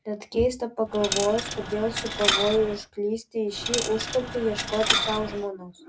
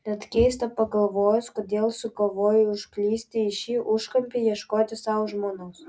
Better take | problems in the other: second | background sound (Coin (dropping)); 2 dB below the speech

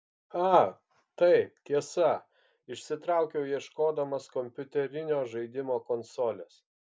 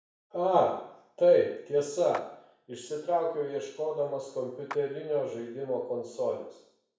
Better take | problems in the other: first | background sound (Clapping); 19 dB below the speech // room echo; dies away in 0.6 s

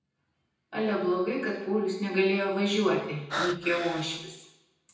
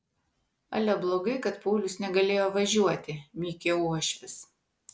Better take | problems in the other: second | background sound (Breathing); 6 dB below the speech // room echo; dies away in 0.9 s

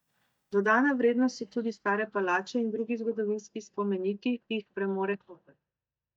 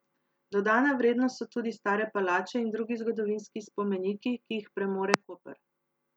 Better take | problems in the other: second | noise reduction (neural mask model DeepFilterNet 3)

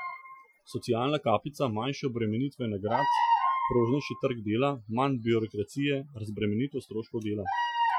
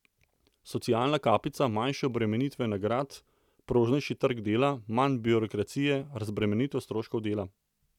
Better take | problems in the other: second | noise reduction (classical method Wiener filter)

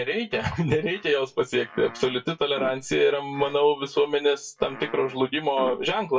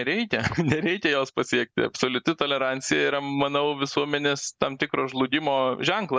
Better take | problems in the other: second | noise reduction (classical method WPE with log-MMSE)

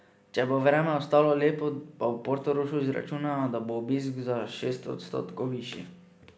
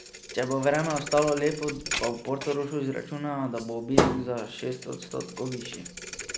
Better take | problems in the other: first | background sound (Thump, thud); 4 dB below the speech

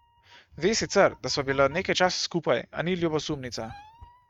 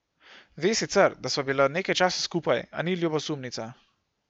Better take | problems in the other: second | noise reduction (neural mask model RNNoise)

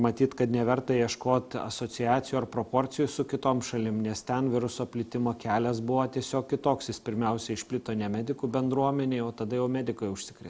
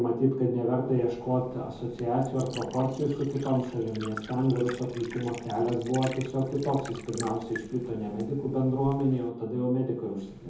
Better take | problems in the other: first | background sound (Liquid); 18 dB below the speech // room echo; dies away in 0.7 s

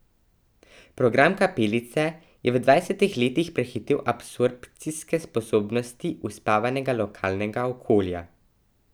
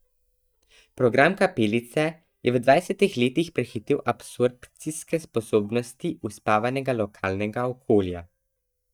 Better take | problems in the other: first | noise reduction (neural mask model DeepFilterNet 3)

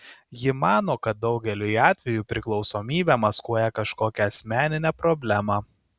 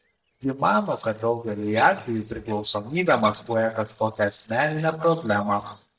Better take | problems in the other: first | noise reduction (neural mask model DeepFilterNet 3)

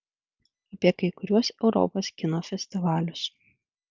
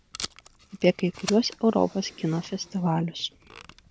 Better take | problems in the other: first | background sound (Packing tape, duct tape); 16 dB below the speech

